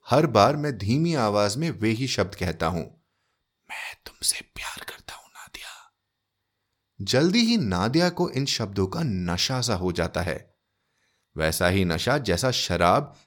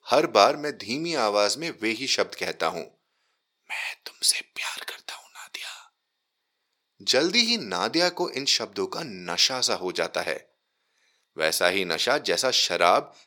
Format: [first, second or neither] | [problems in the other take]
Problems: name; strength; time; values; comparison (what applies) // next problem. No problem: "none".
first | thin; somewhat; fading below 400 Hz